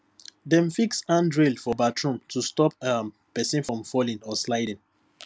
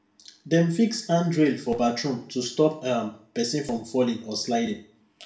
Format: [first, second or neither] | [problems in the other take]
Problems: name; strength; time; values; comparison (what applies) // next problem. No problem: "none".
first | room echo; dies away in 0.4 s